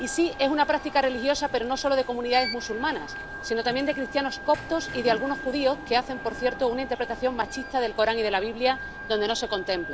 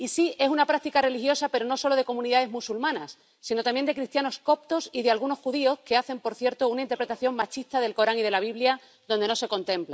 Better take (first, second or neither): second